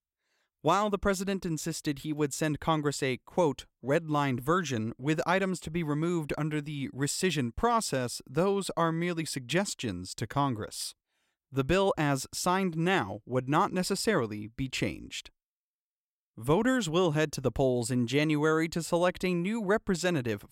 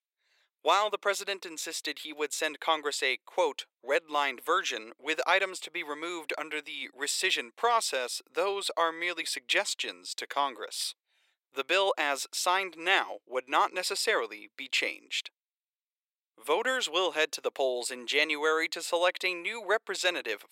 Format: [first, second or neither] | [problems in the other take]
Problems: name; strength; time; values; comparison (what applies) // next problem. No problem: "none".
first | thin; very; fading below 450 Hz